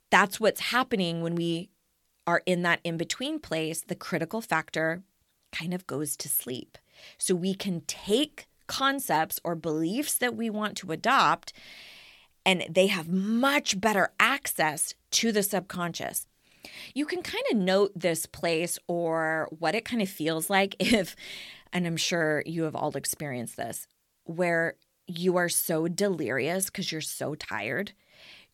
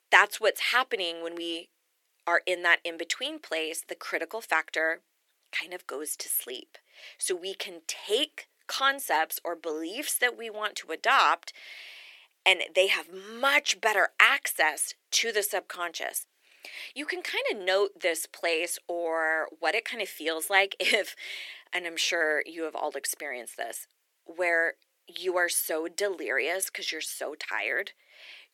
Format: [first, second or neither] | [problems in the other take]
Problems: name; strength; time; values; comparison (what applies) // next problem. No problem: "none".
first | thin; very; fading below 350 Hz